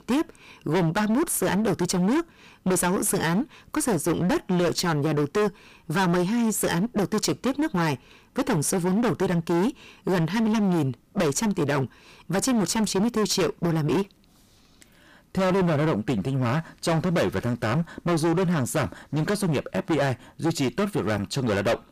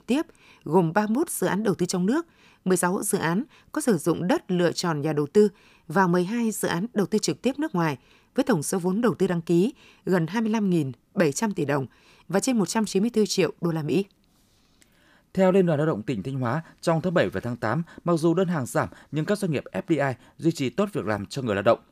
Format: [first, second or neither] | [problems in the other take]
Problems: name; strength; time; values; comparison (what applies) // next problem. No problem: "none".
second | distortion; heavy; 22% of the sound clipped